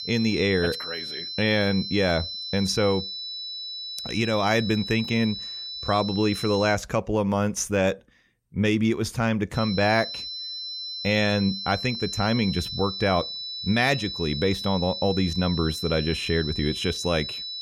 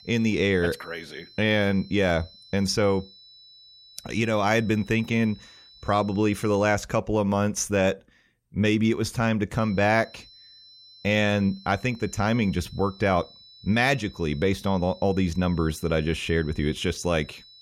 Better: second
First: high-pitched whine; loud; until 6.5 s and from 9.5 s on; 4 kHz, 6 dB below the speech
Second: high-pitched whine; faint; until 6.5 s and from 9.5 s on; 4 kHz, 25 dB below the speech

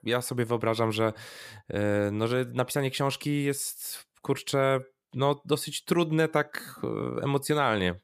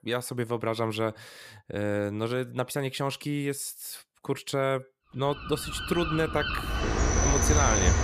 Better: first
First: none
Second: animal sounds; very loud; from 6 s on; 3 dB above the speech

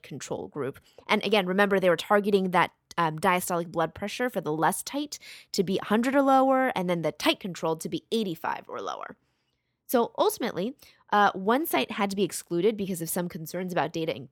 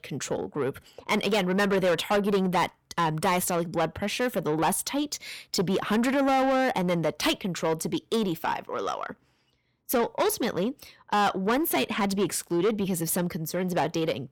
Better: first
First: none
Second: distortion; heavy; 8 dB below the speech

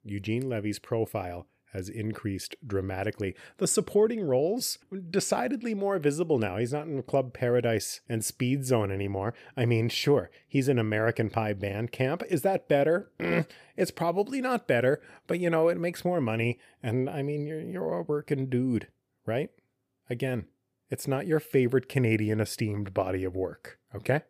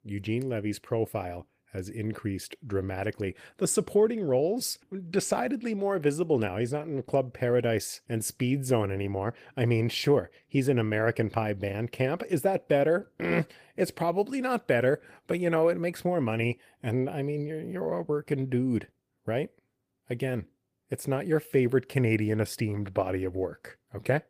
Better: first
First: none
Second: garbled, watery; slightly; nothing above 15 kHz

